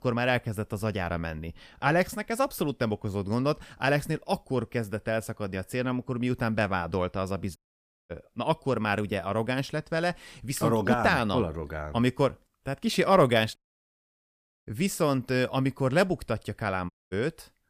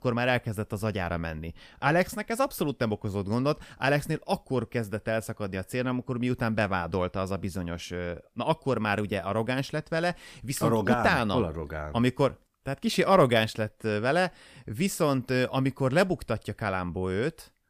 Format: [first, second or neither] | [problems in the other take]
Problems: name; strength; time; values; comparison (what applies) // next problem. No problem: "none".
second | audio cutting out; at 7.5 s for 0.5 s, at 14 s for 1 s and at 17 s